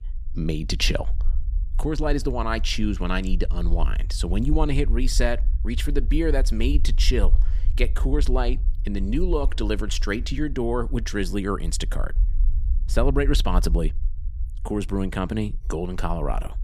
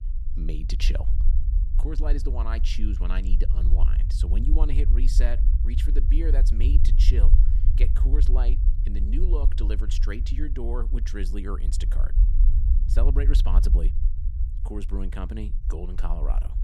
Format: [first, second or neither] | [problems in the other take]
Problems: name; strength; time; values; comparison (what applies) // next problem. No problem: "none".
first | low rumble; loud; throughout; 8 dB below the speech; faint in the first